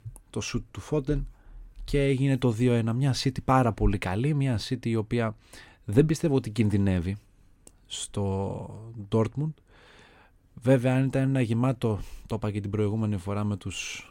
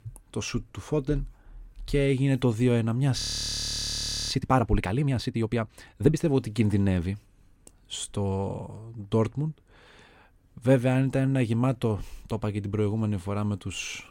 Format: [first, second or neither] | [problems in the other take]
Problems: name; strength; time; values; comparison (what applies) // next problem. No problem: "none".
first | audio freezing; at 3 s for 1 s